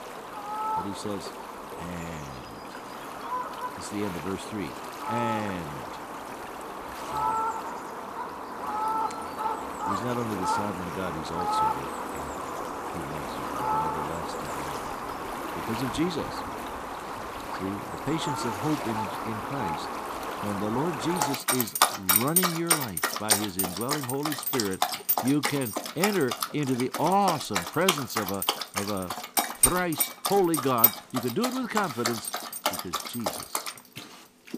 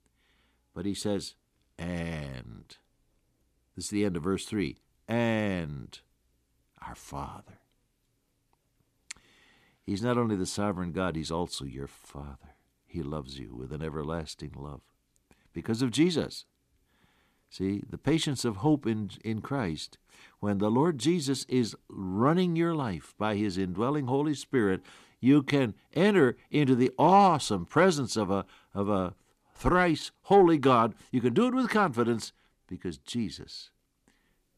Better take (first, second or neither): second